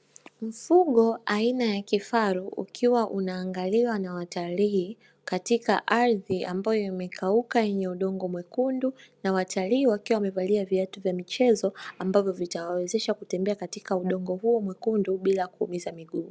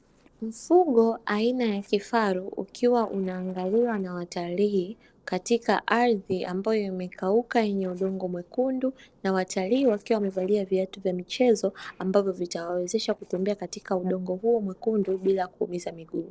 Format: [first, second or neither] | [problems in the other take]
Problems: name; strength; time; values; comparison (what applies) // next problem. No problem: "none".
first | noise reduction (neural separator model SepFormer DNS4)